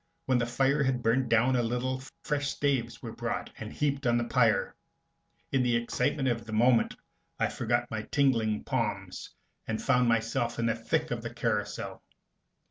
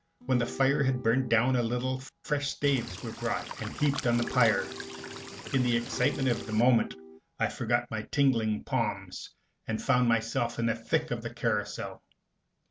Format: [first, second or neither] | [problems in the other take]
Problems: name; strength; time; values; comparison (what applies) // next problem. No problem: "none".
first | background sound (Acoustic guitar / Strum + Cricket / Water); 12 dB below the speech